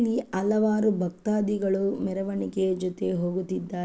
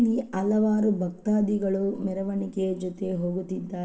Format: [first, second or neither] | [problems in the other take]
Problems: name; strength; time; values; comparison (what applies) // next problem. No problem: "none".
first | room echo; dies away in 1.5 s